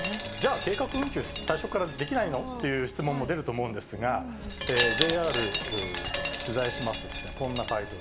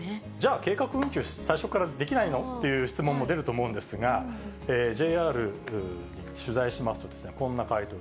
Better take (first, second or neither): second